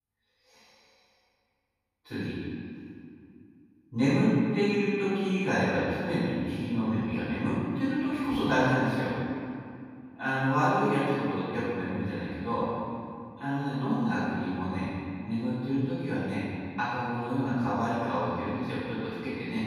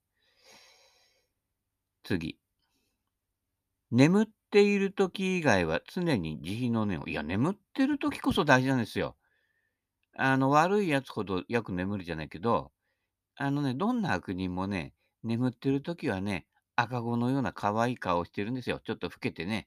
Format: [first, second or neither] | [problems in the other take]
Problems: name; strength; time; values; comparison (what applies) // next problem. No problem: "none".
second | off-mic speech; far // room echo; strong; dies away in 2.3 s